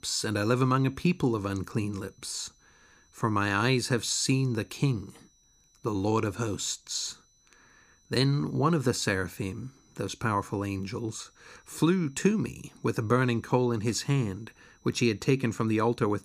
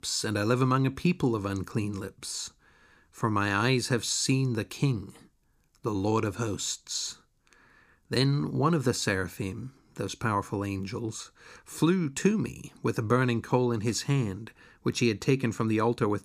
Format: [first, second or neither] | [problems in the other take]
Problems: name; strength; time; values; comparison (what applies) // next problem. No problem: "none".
second | high-pitched whine; faint; throughout; 6 kHz, 35 dB below the speech